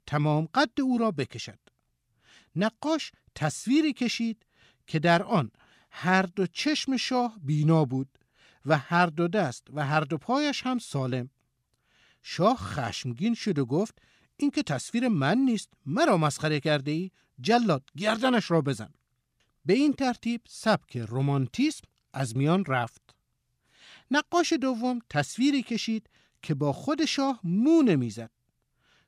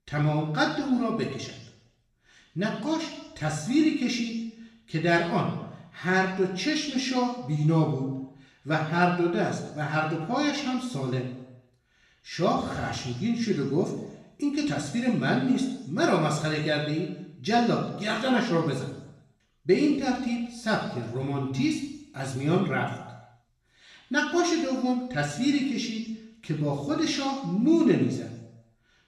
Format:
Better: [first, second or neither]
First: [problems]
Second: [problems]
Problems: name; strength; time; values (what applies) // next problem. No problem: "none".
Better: first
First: none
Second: room echo; noticeable; dies away in 0.8 s // off-mic speech; far